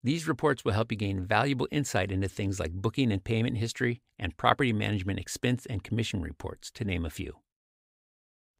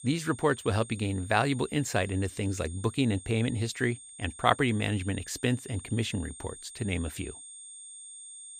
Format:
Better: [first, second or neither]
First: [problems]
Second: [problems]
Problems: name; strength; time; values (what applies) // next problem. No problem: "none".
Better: first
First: none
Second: high-pitched whine; noticeable; throughout; 8.5 kHz, 15 dB below the speech